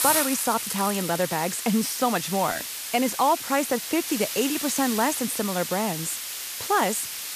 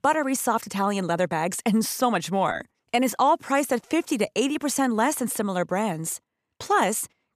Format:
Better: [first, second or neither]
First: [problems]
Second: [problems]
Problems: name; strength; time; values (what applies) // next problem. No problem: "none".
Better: second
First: hiss; loud; throughout; 4 dB below the speech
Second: none